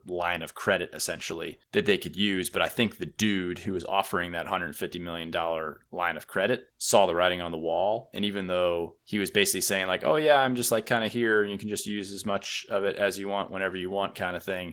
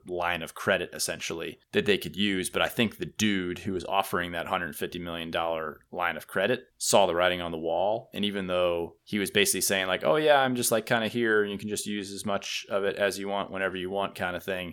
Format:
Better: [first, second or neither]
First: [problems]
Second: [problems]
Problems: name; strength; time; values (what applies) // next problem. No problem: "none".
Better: second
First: garbled, watery; slightly; nothing above 15.5 kHz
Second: none